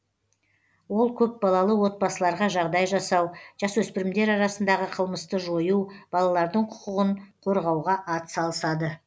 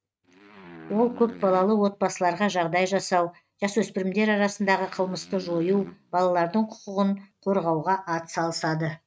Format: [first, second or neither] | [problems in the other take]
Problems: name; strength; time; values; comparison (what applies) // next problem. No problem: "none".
first | noise reduction (neural mask model RNNoise)